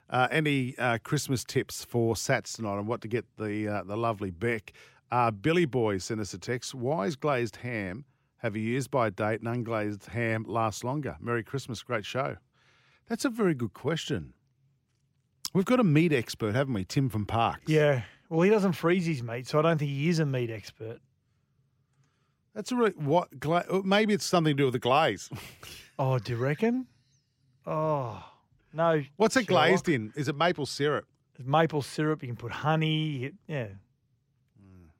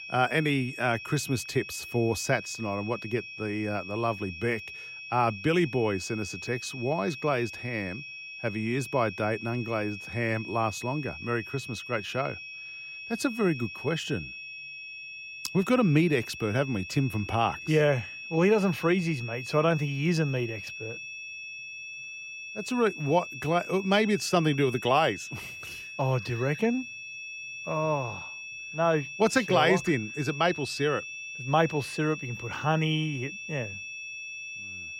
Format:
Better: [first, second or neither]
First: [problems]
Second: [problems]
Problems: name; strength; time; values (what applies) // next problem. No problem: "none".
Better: first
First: none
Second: high-pitched whine; loud; throughout; 2.5 kHz, 10 dB below the speech